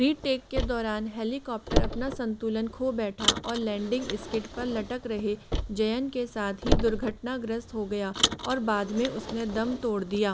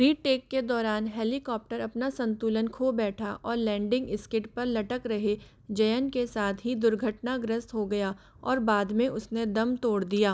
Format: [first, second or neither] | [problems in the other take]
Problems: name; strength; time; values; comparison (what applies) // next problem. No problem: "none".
second | background sound (Car); 3 dB below the speech